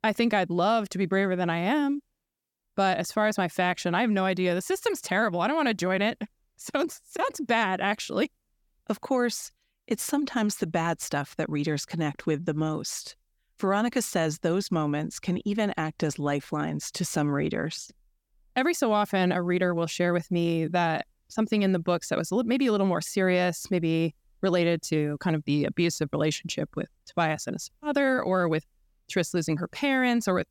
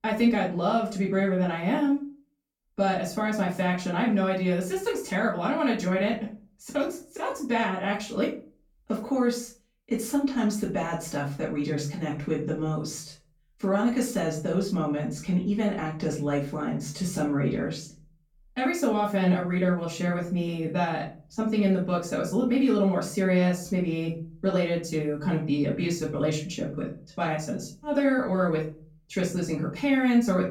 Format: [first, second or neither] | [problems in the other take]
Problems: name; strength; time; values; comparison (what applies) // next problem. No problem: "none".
first | off-mic speech; far // room echo; slight; dies away in 0.4 s